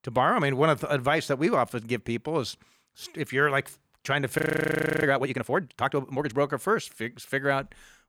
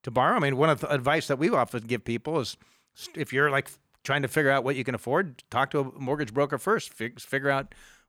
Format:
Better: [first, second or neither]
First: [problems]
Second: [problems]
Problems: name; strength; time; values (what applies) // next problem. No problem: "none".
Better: second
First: audio freezing; at 4.5 s for 0.5 s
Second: none